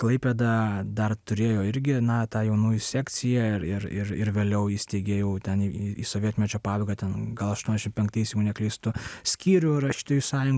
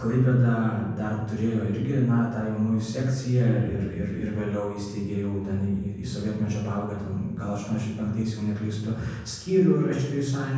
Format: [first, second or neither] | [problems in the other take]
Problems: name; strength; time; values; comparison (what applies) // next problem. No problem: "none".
first | room echo; dies away in 1.1 s